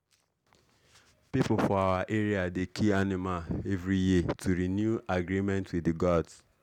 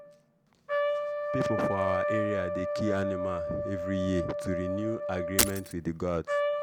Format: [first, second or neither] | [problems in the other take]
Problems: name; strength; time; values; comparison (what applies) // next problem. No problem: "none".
first | background sound (Trumpet + Shatter); 2 dB above the speech